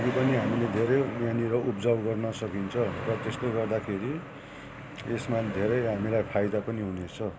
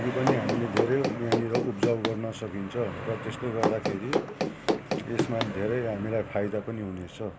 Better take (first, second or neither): first